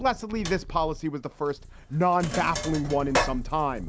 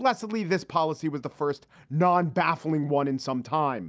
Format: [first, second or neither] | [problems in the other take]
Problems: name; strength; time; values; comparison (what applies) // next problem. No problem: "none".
second | background sound (Purr + Sink (filling or washing)); 6 dB below the speech